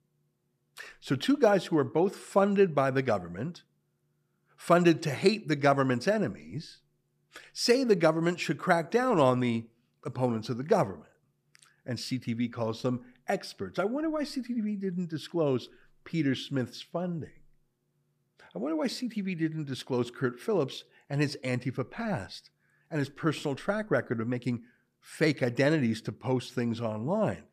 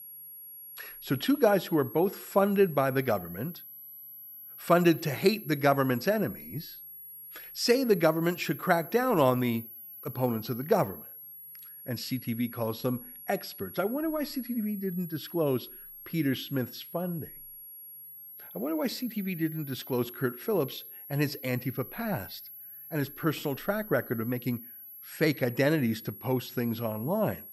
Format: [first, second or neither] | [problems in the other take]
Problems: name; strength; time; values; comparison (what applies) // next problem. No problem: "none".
first | high-pitched whine; noticeable; throughout; 11.5 kHz, 15 dB below the speech